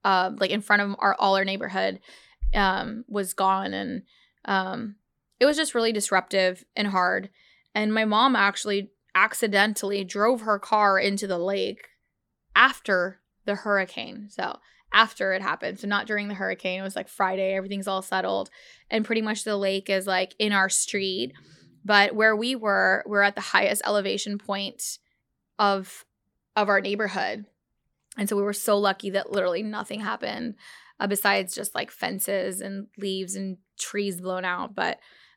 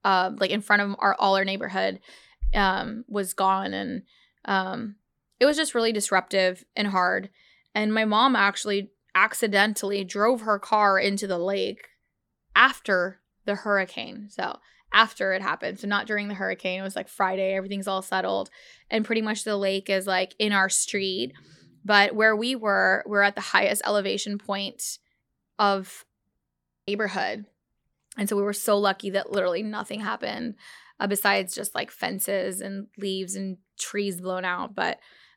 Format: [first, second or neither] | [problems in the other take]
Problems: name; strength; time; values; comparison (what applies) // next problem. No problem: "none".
first | audio freezing; at 26 s